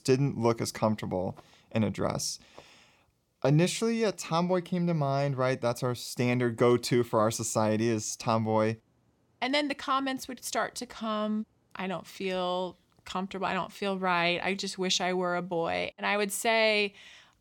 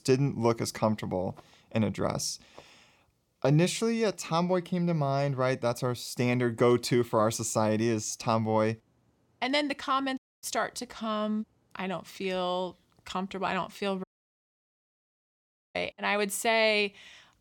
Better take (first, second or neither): first